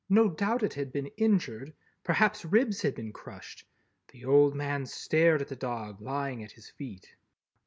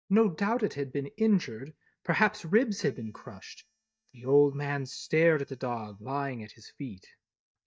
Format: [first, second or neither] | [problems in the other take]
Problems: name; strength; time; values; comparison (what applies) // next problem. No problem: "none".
first | noise reduction (neural mask model DeepFilterNet 3)